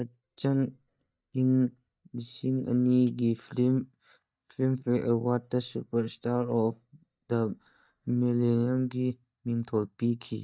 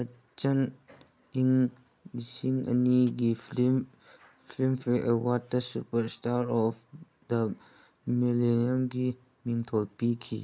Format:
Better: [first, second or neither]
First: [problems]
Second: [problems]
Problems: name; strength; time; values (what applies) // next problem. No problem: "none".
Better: second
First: noise reduction (neural mask model DeepFilterNet 3)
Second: none